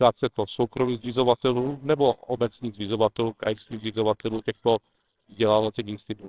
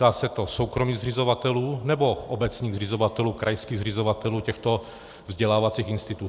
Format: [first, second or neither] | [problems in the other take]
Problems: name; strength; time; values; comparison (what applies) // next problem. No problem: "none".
second | noise reduction (neural separator model SepFormer WHAMR!)